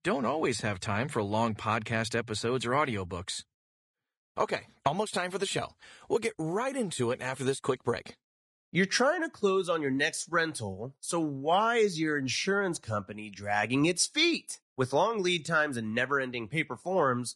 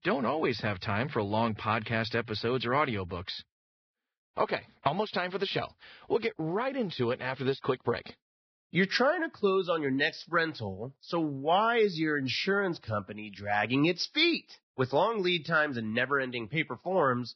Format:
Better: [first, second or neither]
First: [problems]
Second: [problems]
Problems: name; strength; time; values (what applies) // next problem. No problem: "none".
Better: first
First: garbled, watery; slightly; nothing above 10.5 kHz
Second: garbled, watery; badly; nothing above 5.5 kHz